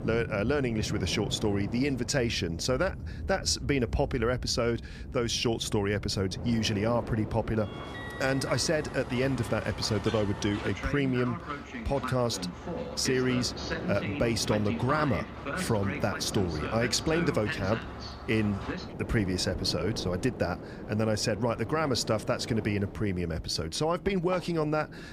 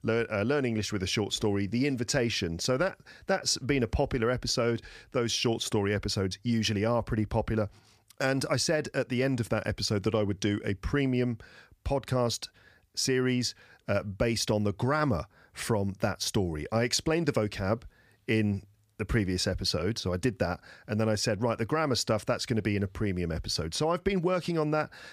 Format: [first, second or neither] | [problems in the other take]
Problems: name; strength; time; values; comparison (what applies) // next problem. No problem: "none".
second | train or aircraft noise; loud; throughout; 9 dB below the speech